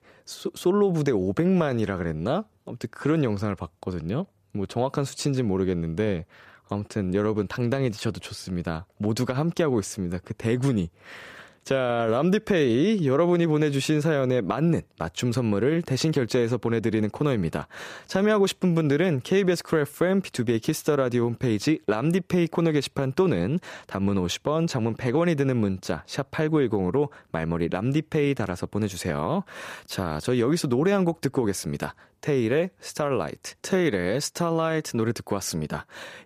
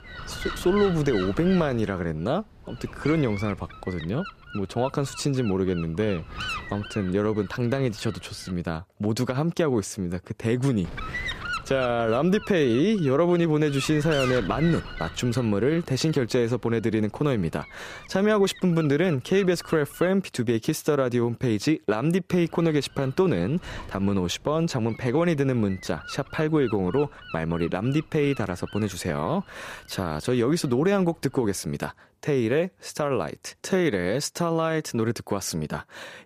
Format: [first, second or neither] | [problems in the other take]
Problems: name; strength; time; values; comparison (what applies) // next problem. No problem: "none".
first | wind noise on the microphone; heavy; until 8.5 s, from 11 to 20 s and from 22 to 32 s; 10 dB below the speech